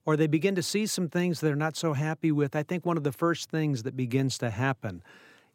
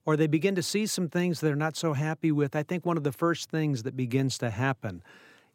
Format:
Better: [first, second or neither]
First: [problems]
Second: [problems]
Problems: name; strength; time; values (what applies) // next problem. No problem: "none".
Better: neither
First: none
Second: none